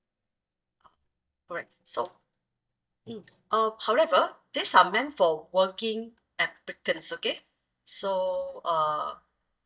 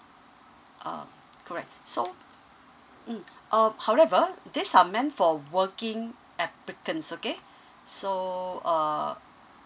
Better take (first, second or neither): second